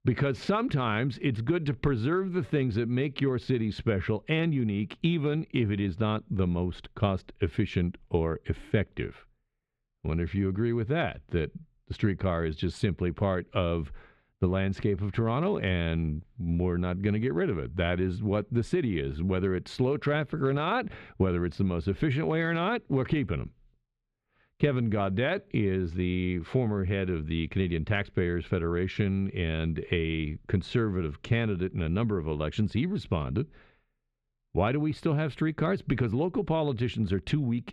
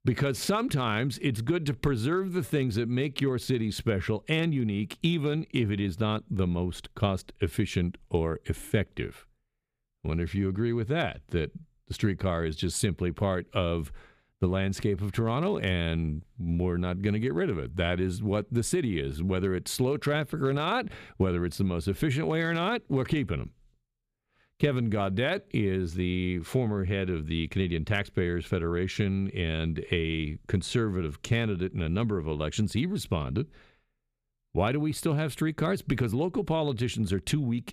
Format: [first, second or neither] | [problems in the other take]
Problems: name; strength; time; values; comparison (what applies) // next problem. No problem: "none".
second | muffled; slightly; fading above 3 kHz